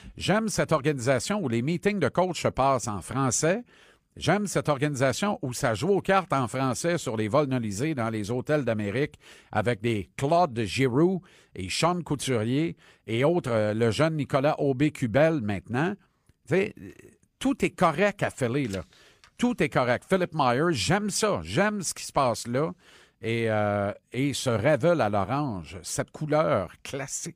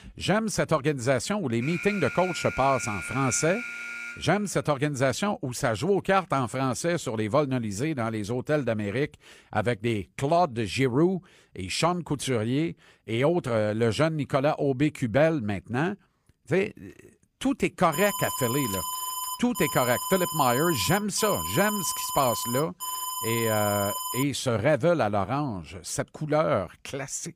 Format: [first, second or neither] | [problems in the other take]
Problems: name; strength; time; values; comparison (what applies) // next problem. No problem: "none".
first | alarm; noticeable; from 1.5 to 4.5 s and from 18 to 24 s; peak 3 dB below the speech